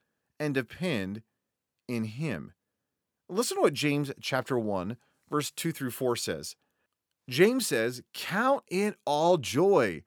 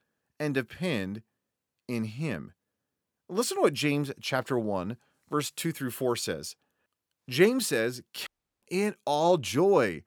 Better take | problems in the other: first | audio cutting out; at 8.5 s

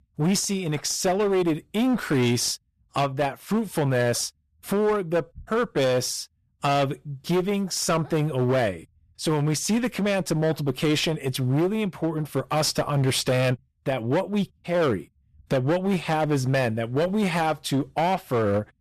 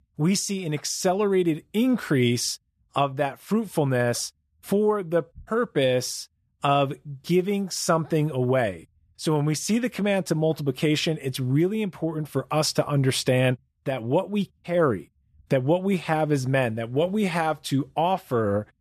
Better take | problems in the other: second | distortion; slight; 15% of the sound clipped

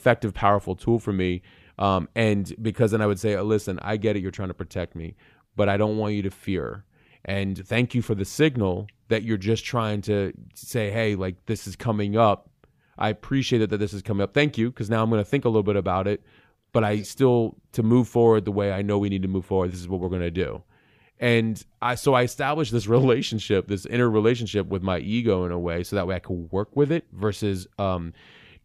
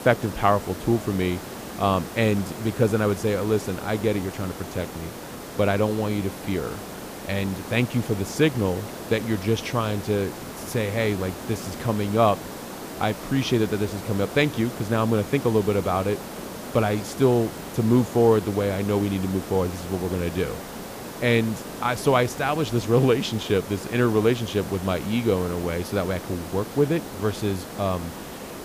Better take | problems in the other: first | hiss; noticeable; throughout; 10 dB below the speech

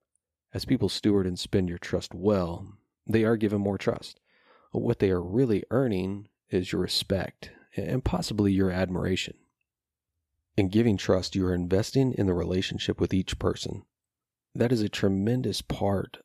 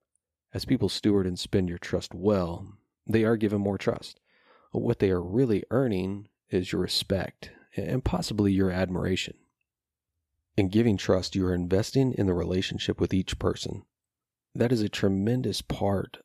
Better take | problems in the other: neither | none

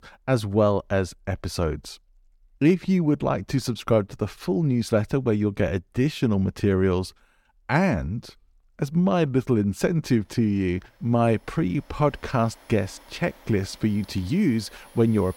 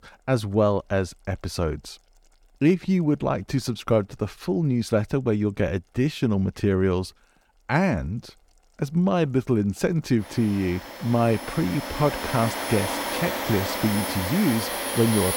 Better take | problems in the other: first | household noises; loud; throughout; 5 dB below the speech; faint in the first

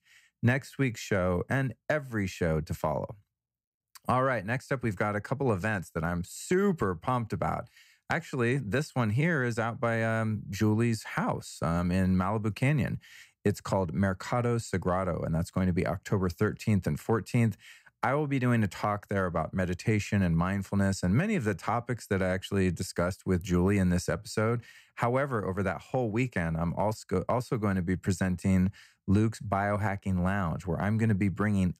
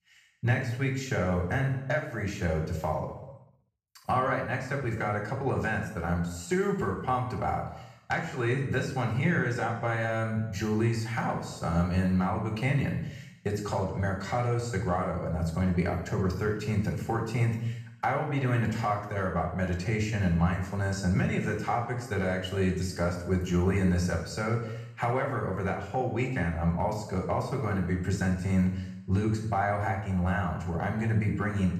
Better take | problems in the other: first | room echo; noticeable; dies away in 0.8 s // off-mic speech; far

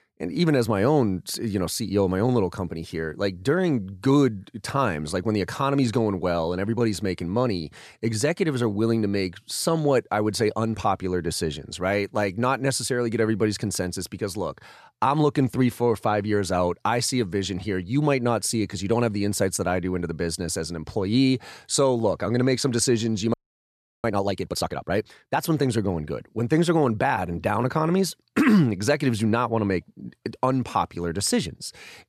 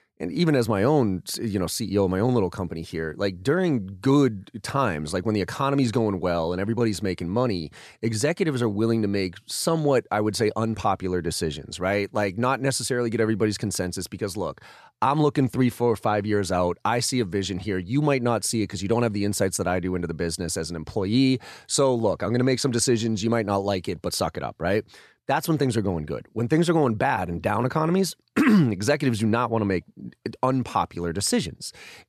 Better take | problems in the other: second | audio freezing; at 23 s for 0.5 s

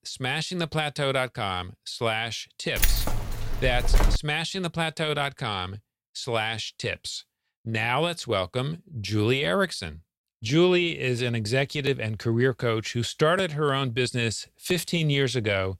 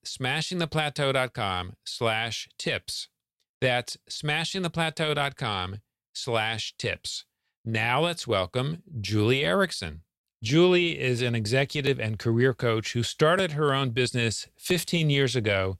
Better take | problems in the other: second | jangling keys; loud; from 3 to 4 s; peak 2 dB above the speech

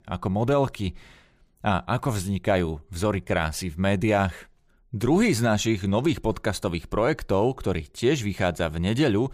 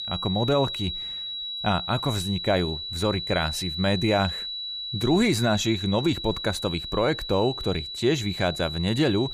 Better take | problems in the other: first | high-pitched whine; loud; throughout; 4 kHz, 5 dB below the speech

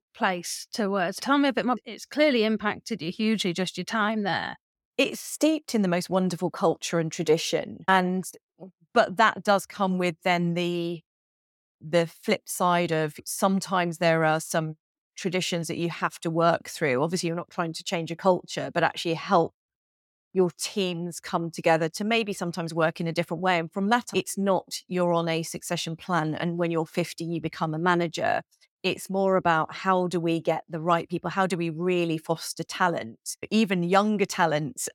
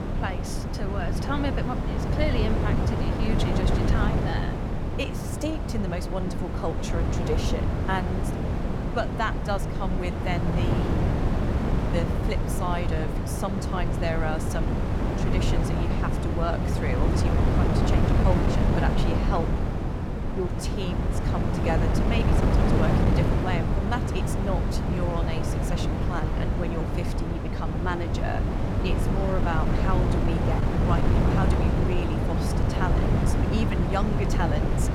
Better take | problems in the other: first | wind noise on the microphone; heavy; 1 dB above the speech

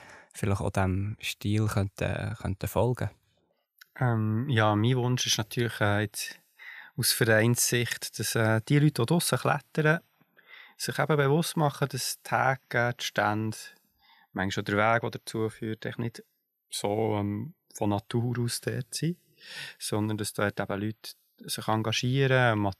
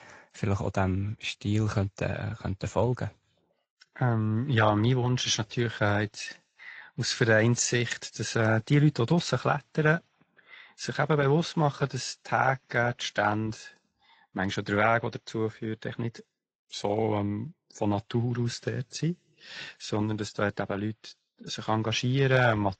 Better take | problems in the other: first | garbled, watery; slightly; nothing above 7.5 kHz

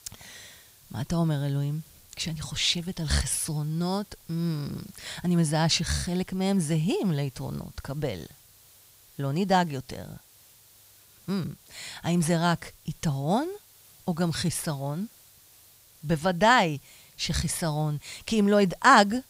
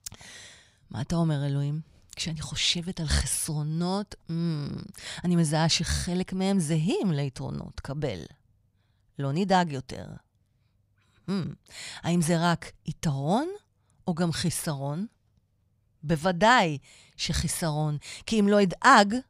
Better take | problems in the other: second | hiss; faint; throughout; 25 dB below the speech

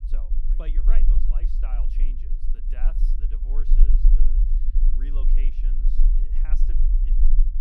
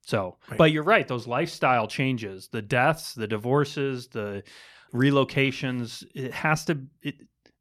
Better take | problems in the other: second | low rumble; loud; throughout; 2 dB below the speech

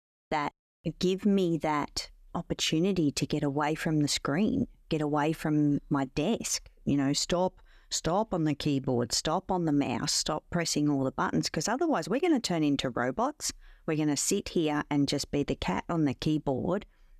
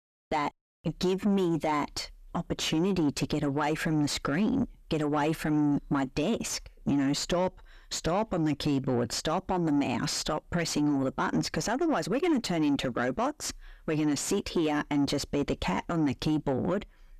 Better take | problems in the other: first | distortion; slight; 10 dB below the speech

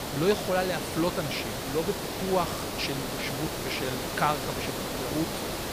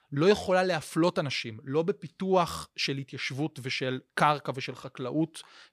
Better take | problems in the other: second | hiss; loud; throughout; 1 dB below the speech

